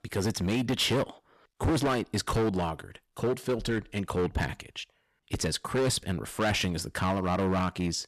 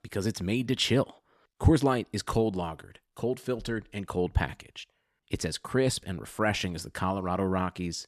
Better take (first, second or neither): second